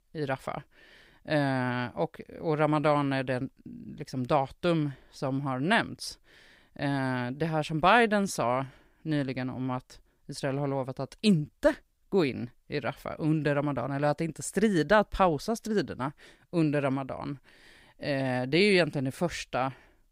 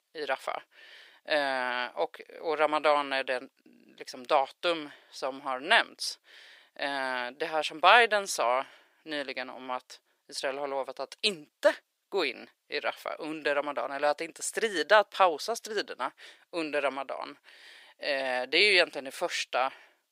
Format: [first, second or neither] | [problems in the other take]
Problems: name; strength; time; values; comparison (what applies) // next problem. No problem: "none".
first | thin; very; fading below 450 Hz